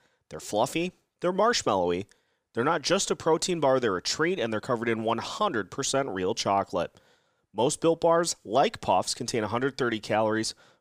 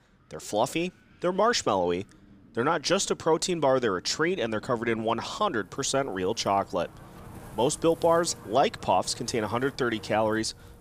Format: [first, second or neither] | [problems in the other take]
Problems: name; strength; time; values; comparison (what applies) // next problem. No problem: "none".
first | wind in the background; faint; throughout; 25 dB below the speech